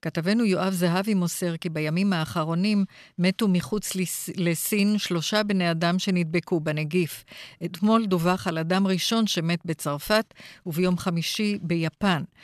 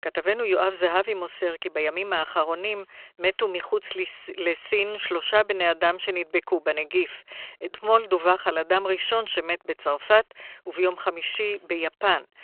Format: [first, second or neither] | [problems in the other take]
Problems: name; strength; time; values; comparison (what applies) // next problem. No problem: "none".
first | phone-call audio